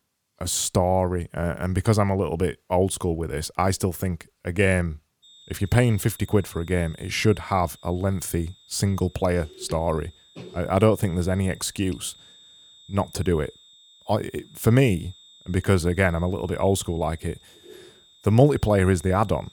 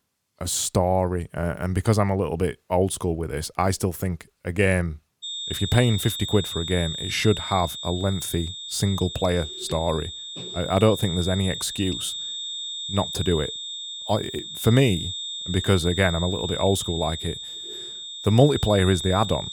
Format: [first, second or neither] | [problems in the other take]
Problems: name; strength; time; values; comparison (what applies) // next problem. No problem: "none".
first | high-pitched whine; loud; from 5 s on; 3.5 kHz, 6 dB below the speech; faint in the first